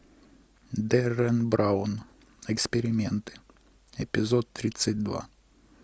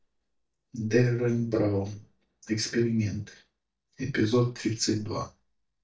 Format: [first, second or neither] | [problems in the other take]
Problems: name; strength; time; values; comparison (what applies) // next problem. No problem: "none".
first | noise reduction (neural mask model DeepFilterNet 3)